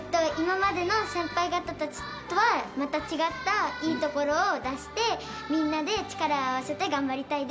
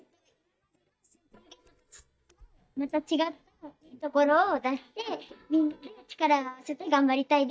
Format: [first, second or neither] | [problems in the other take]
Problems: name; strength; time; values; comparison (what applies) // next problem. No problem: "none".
first | noise reduction (neural mask model DeepFilterNet 3)